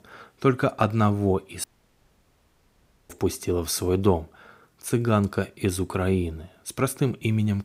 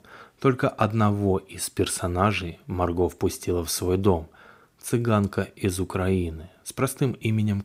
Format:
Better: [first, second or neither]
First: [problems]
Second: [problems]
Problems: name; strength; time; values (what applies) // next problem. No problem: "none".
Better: second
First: audio cutting out; at 1.5 s for 1.5 s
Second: none